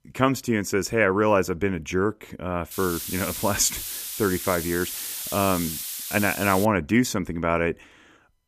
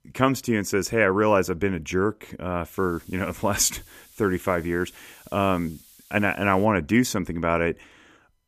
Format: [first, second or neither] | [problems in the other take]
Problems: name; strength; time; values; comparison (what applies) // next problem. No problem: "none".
second | hiss; loud; from 2.5 to 6.5 s; 6 dB below the speech; faint in the second